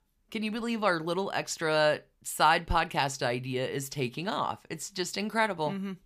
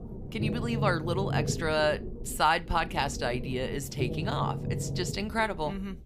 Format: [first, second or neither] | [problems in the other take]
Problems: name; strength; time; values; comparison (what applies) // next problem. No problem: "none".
first | low rumble; noticeable; throughout; 10 dB below the speech